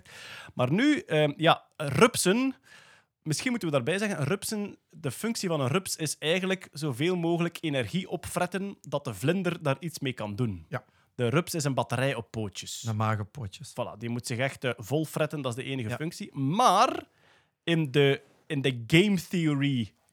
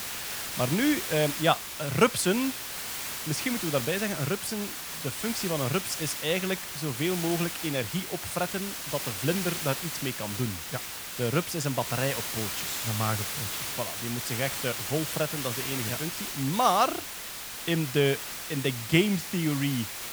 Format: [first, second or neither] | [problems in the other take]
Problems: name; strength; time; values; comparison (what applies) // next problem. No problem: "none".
first | hiss; loud; throughout; 3 dB below the speech